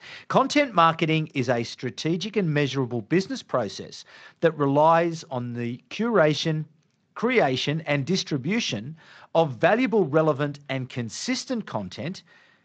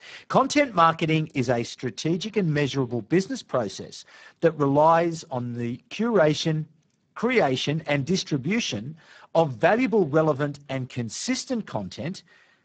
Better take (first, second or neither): first